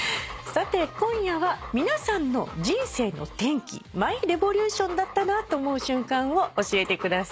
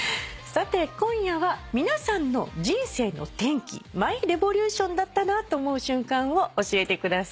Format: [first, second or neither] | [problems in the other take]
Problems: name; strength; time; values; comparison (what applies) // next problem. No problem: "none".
second | background sound (Dog); 16 dB below the speech